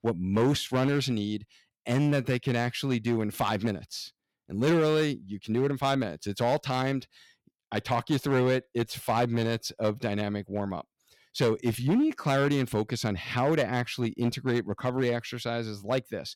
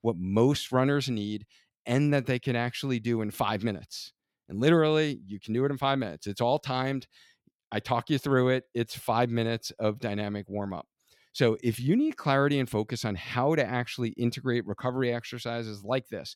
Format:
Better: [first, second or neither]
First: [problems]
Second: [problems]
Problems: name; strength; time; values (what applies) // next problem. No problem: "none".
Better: second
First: distortion; slight; 5% of the sound clipped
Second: none